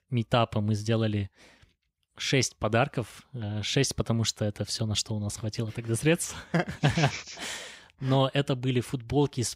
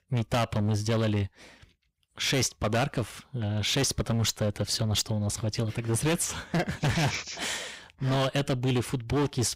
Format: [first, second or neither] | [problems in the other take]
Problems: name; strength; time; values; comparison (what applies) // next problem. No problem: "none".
first | distortion; heavy; 15% of the sound clipped